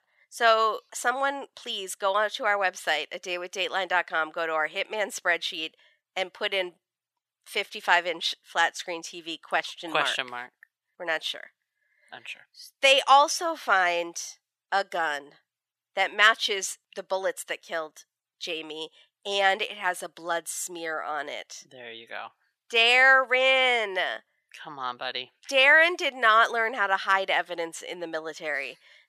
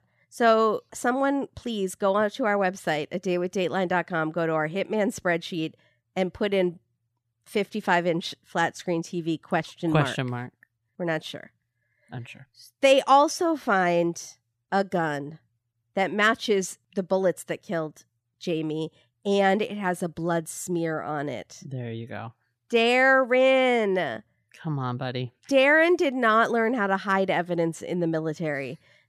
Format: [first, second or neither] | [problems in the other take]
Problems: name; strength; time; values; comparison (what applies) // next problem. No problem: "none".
second | thin; very; fading below 750 Hz